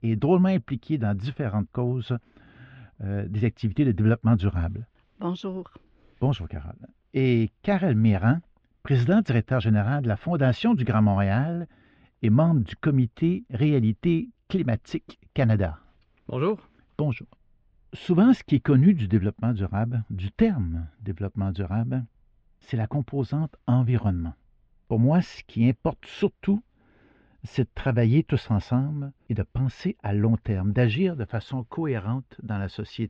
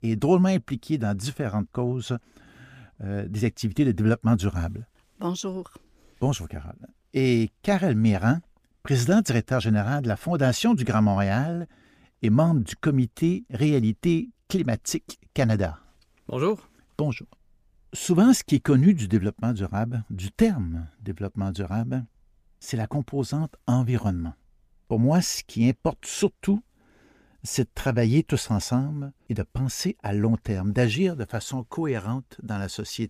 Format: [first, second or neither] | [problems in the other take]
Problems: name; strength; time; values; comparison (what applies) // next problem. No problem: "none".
second | muffled; very; fading above 3.5 kHz